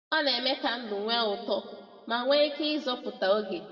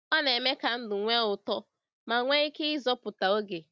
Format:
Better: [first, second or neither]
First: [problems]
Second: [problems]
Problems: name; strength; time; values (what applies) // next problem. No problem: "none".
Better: second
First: room echo; dies away in 1.3 s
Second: none